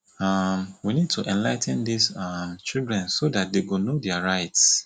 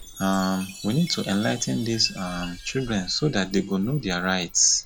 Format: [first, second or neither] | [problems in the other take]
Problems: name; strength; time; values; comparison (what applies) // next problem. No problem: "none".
first | background sound (Sliding door + Chime); 16 dB below the speech